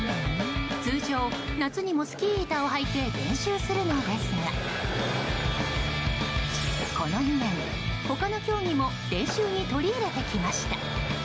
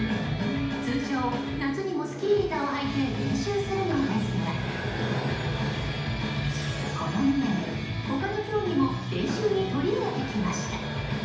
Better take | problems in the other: first | room echo; dies away in 0.8 s

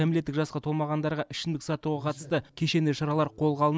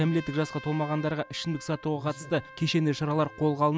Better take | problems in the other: first | background sound (Trumpet); 19 dB below the speech

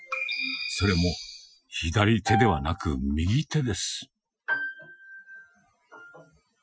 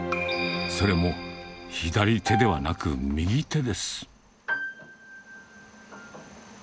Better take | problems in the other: second | noise reduction (classical method Wiener filter)

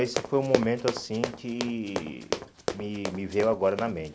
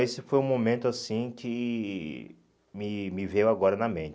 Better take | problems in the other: second | background sound (Run); 4 dB below the speech

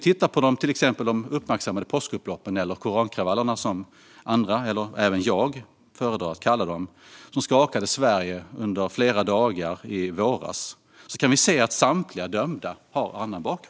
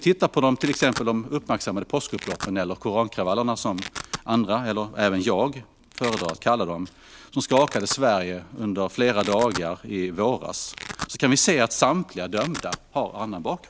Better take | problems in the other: first | background sound (Domestic sounds, home sounds); 15 dB below the speech

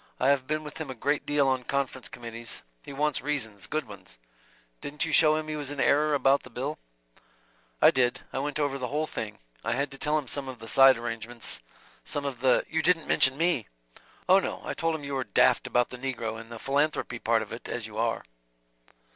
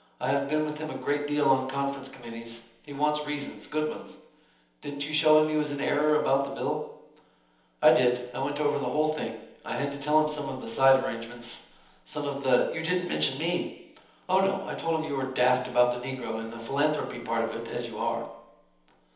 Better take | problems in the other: first | room echo; dies away in 1.3 s

